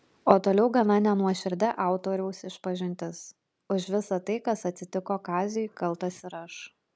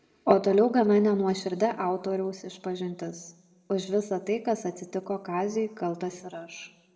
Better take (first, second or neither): first